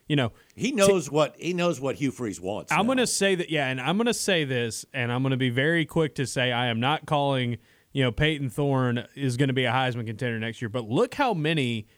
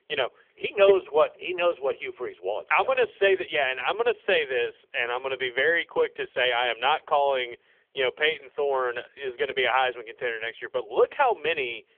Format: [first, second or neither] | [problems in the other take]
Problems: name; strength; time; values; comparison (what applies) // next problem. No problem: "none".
first | phone-call audio; poor line; nothing above 3.5 kHz